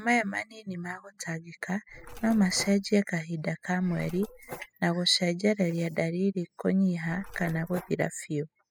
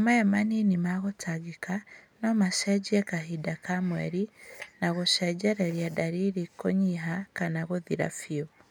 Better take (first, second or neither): second